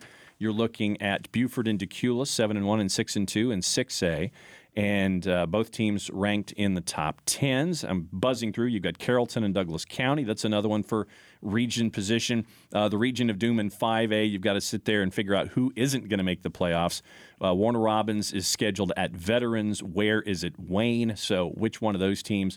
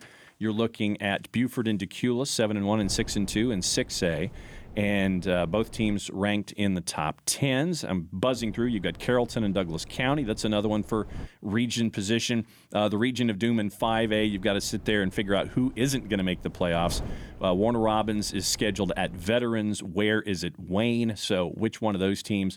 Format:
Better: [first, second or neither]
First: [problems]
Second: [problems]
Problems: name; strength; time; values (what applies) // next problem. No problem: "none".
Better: first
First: none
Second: wind noise on the microphone; occasional gusts; from 3 to 6 s, from 8.5 to 11 s and from 14 to 19 s; 25 dB below the speech